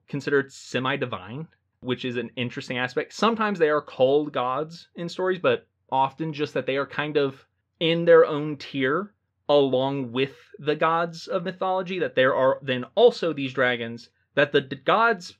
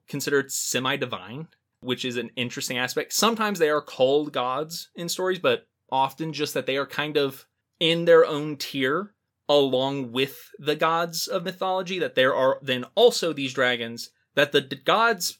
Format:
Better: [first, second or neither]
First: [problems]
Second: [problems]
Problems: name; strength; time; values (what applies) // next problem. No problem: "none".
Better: second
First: muffled; slightly; fading above 2.5 kHz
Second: none